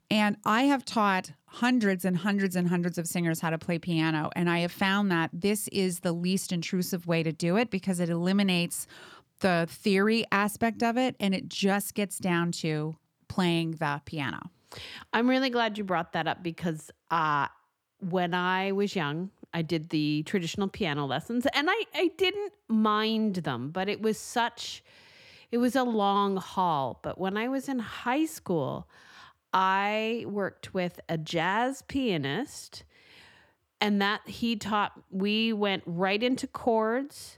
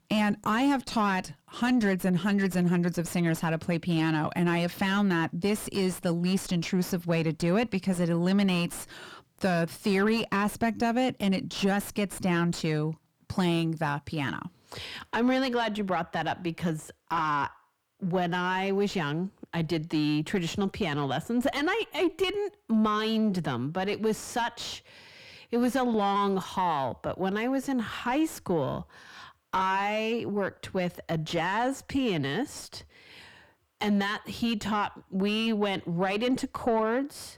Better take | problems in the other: first | distortion; slight; 10 dB below the speech

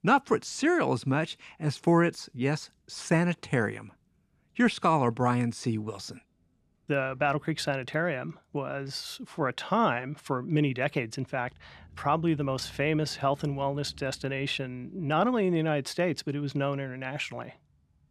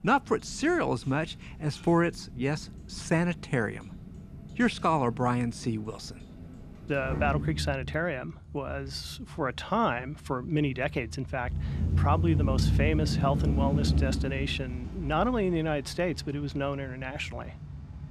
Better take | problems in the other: first | traffic noise; loud; throughout; 3 dB below the speech; faint in the first

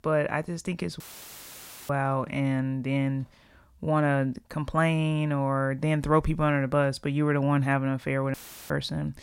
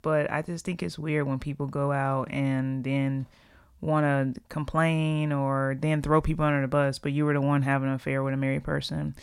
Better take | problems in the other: second | audio cutting out; filled with static; at 1 s for 1 s and at 8.5 s

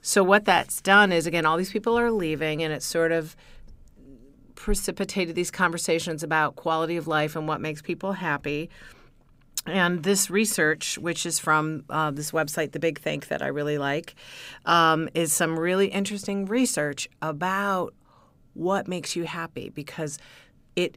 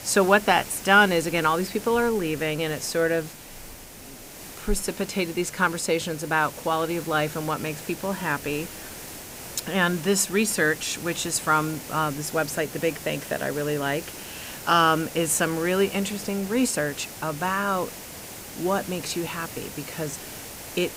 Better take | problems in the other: first | hiss; noticeable; throughout; 15 dB below the speech

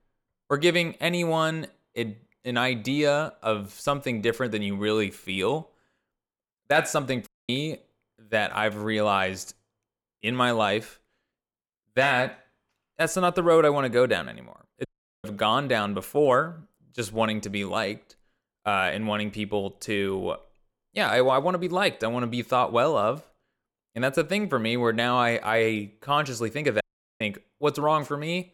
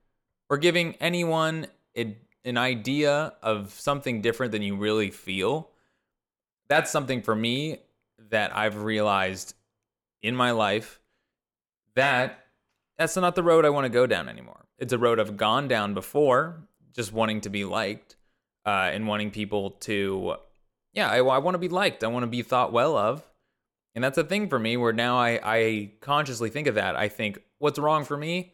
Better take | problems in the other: second | audio cutting out; at 7.5 s, at 15 s and at 27 s

